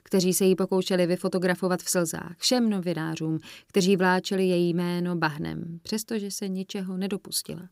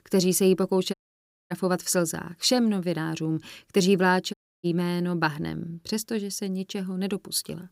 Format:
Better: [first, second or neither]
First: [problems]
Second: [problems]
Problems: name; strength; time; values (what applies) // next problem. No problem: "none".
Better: first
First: none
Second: audio cutting out; at 1 s for 0.5 s and at 4.5 s